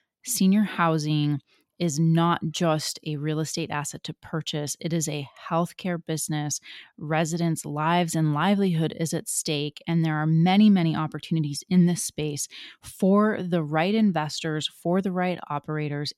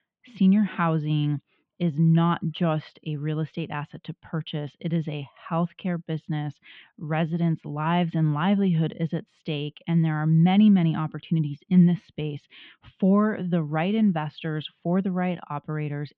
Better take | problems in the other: first | muffled; very; fading above 3 kHz

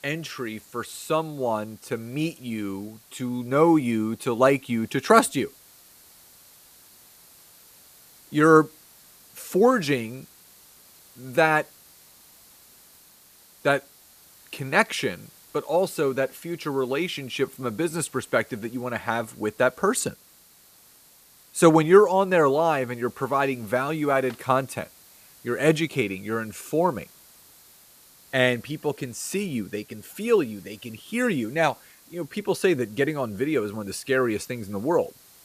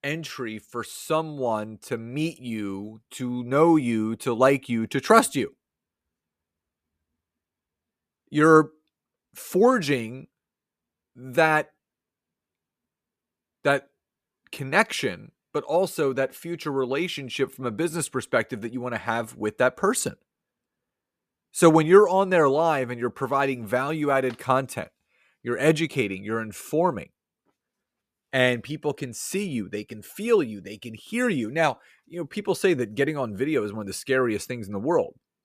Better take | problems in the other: second | hiss; faint; throughout; 25 dB below the speech

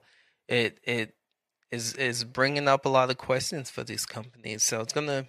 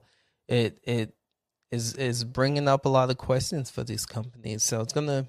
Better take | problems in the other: second | thin; very slightly; fading below 300 Hz

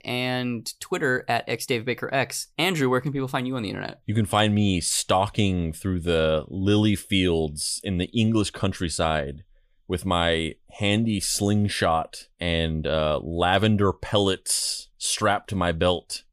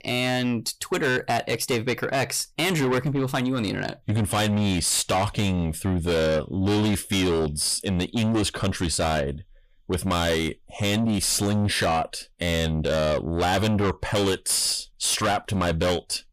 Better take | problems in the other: first | distortion; heavy; 7 dB below the speech

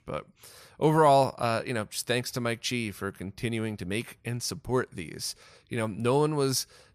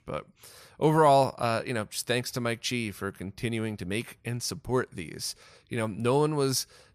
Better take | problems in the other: neither | none

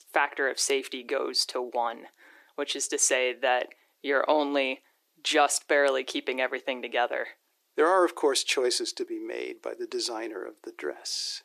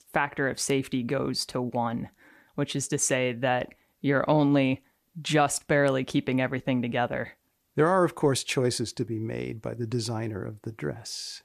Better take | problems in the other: second | thin; somewhat; fading below 350 Hz

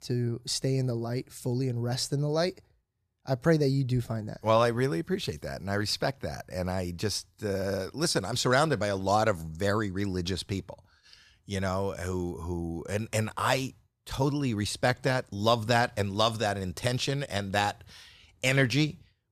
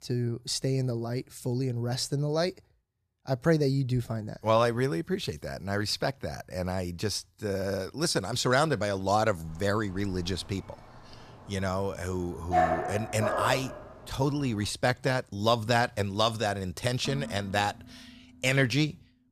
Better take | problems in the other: first | dog barking; loud; from 10 to 14 s; peak 3 dB above the speech // clattering dishes; faint; from 17 to 19 s; peak 10 dB below the speech

